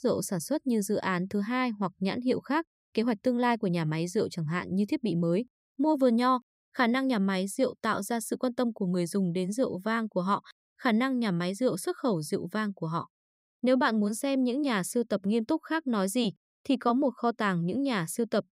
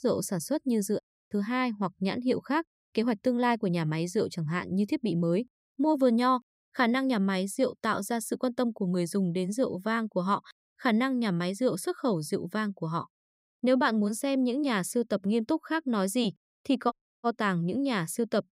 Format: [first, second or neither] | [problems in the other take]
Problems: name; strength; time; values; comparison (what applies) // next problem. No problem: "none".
first | audio cutting out; at 1 s and at 17 s